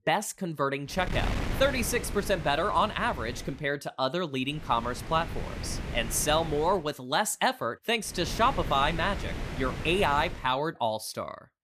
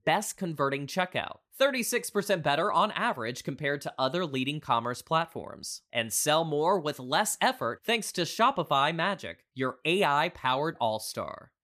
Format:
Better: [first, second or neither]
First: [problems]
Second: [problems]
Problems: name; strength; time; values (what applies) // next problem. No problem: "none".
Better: second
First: wind noise on the microphone; occasional gusts; from 1 to 3.5 s, from 4.5 to 6.5 s and from 8 to 10 s; 15 dB below the speech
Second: none